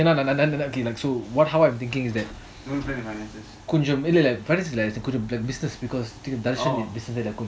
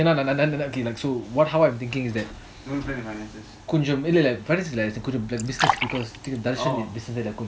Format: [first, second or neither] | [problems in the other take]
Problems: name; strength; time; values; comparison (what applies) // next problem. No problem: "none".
first | background sound (Fill (with liquid)); 5 dB below the speech